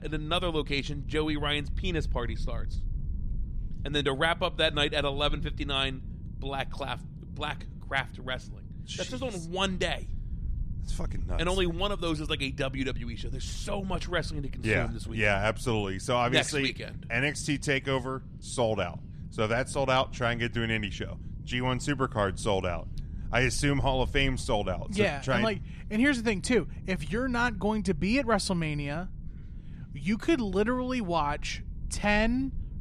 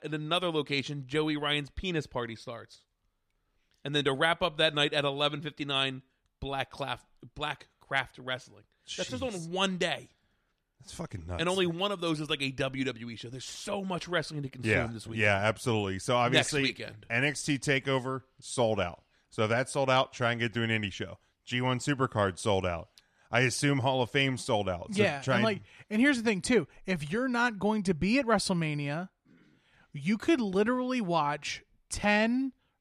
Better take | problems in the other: second | low rumble; faint; throughout; 25 dB below the speech

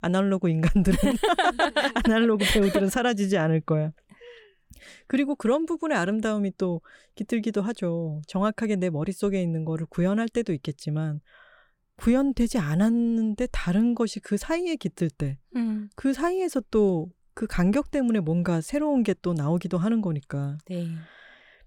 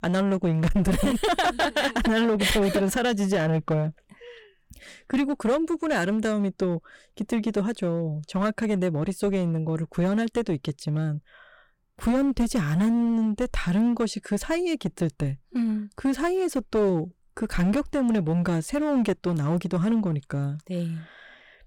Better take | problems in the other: first | distortion; slight; 11% of the sound clipped

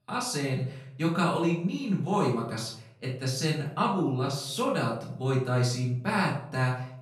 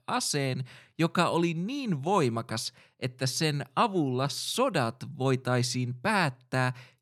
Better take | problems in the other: second | off-mic speech; far // room echo; noticeable; dies away in 0.5 s

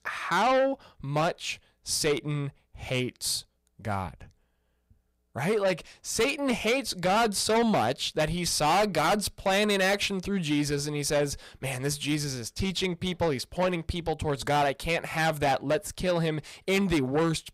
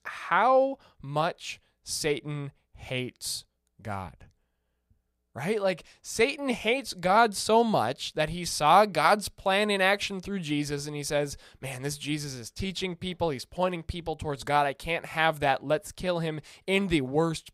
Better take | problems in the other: second | distortion; heavy; 6 dB below the speech

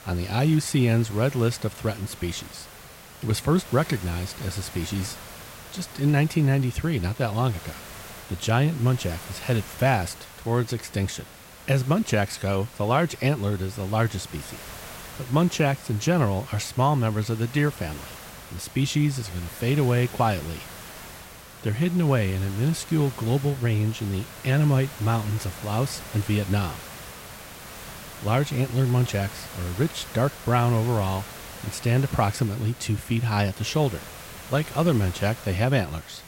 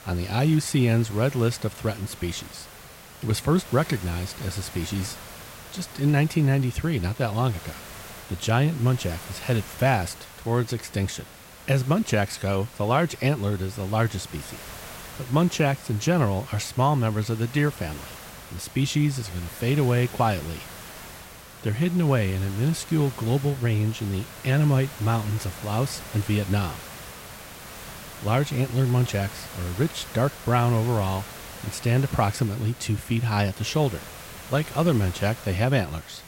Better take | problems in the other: neither | hiss; noticeable; throughout; 15 dB below the speech; the same in both

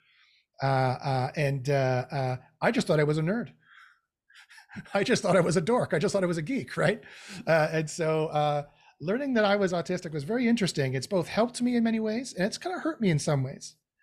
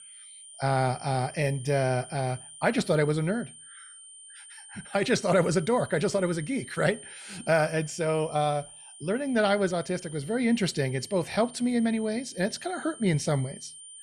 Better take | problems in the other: first | high-pitched whine; noticeable; throughout; 9 kHz, 15 dB below the speech

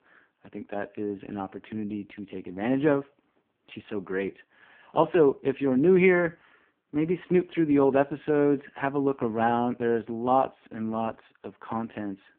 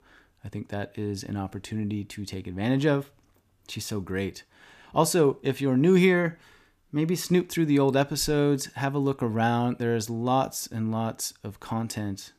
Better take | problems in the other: second | phone-call audio; poor line

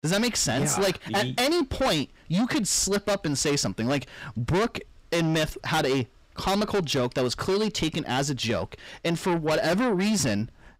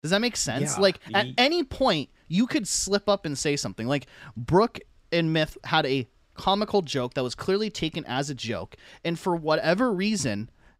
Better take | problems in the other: second | distortion; heavy; 6 dB below the speech

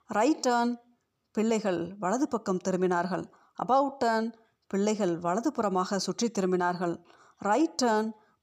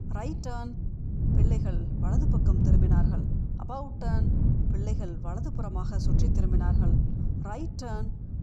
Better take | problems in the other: first | wind noise on the microphone; heavy; 1 dB above the speech

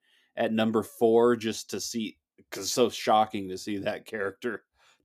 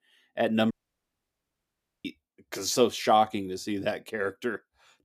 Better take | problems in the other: first | audio cutting out; at 0.5 s for 1.5 s

